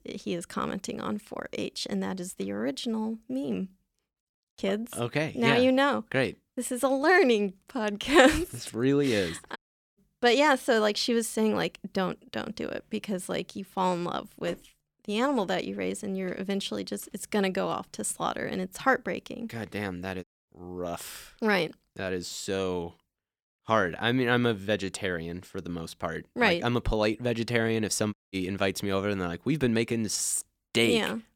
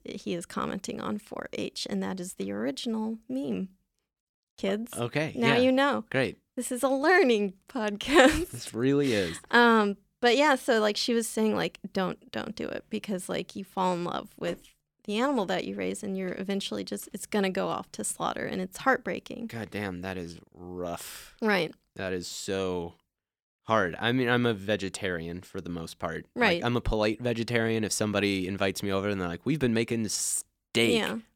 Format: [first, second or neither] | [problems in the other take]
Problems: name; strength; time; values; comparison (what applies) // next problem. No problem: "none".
second | audio cutting out; at 9.5 s, at 20 s and at 28 s